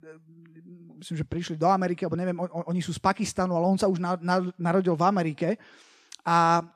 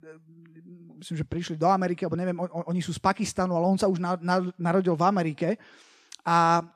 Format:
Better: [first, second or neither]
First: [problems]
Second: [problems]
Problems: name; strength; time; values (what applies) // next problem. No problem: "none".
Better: neither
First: none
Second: none